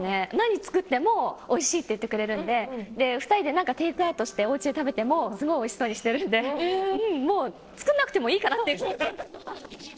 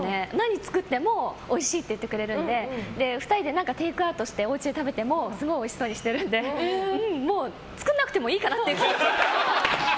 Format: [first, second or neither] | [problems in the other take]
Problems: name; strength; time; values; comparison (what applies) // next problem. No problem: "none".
second | noise reduction (neural separator model SepFormer DNS4)